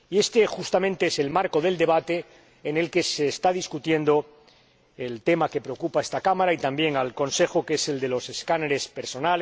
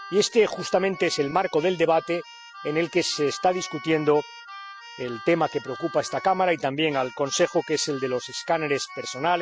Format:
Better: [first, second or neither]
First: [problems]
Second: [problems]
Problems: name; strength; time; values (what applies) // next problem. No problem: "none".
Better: first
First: none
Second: noise reduction (classical method spectral subtraction)